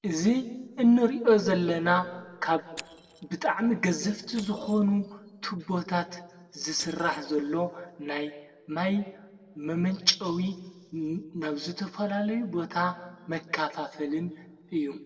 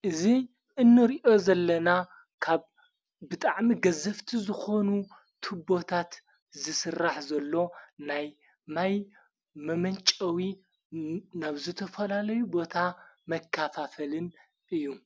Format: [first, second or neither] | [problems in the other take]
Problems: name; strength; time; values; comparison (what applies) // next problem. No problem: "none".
second | noise reduction (neural separator model SepFormer DNS4)